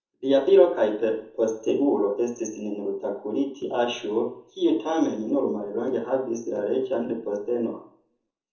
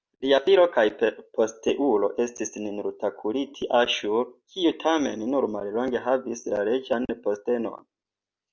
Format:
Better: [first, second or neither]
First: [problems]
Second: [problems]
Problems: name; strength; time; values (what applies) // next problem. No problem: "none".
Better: second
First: room echo; dies away in 0.6 s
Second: none